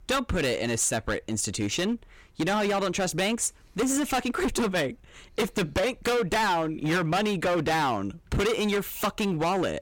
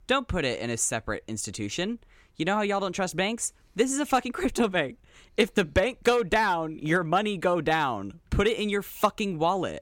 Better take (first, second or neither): second